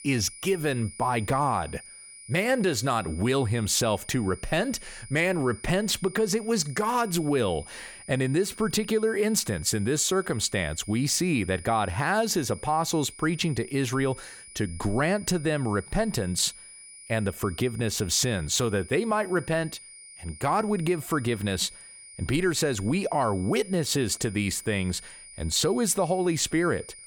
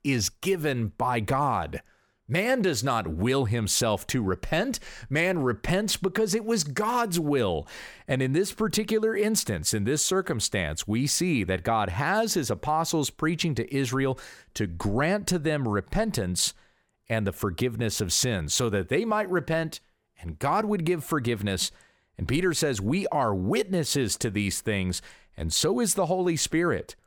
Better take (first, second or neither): second